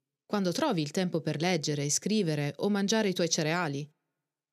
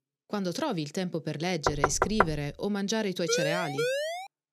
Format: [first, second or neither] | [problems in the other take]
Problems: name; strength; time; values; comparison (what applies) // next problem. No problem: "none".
first | door banging; loud; at 1.5 s; peak 5 dB above the speech // siren; loud; at 3.5 s; peak 2 dB above the speech